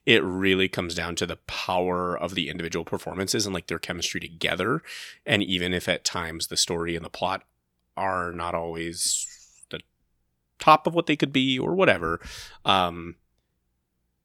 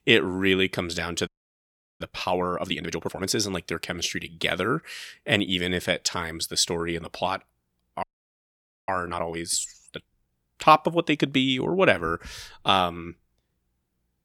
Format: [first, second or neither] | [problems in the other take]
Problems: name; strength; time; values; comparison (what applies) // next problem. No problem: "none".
first | audio freezing; at 1.5 s for 0.5 s and at 8 s for 1 s